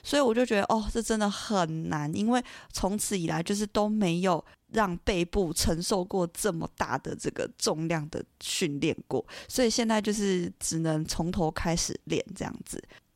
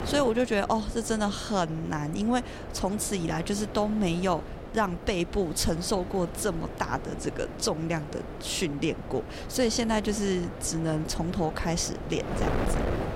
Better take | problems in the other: first | wind noise on the microphone; heavy; 9 dB below the speech

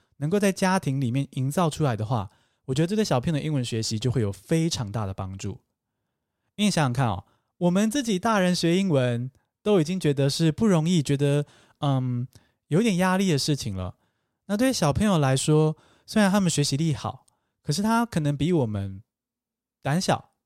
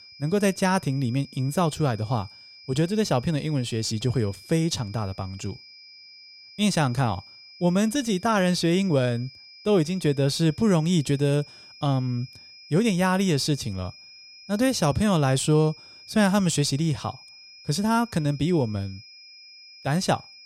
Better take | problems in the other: first | high-pitched whine; faint; throughout; 5 kHz, 20 dB below the speech

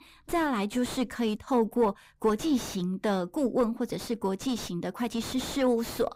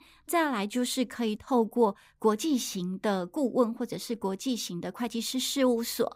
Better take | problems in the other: second | distortion; slight; 7 dB below the speech

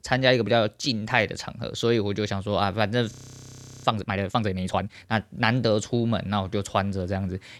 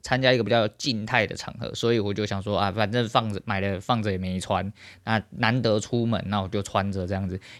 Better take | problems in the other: second | audio freezing; at 3 s for 0.5 s

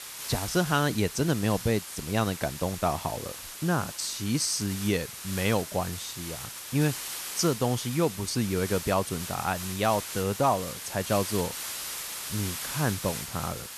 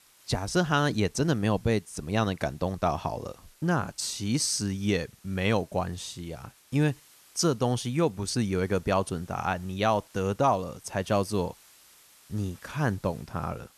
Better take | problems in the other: second | hiss; loud; throughout; 7 dB below the speech; faint in the second

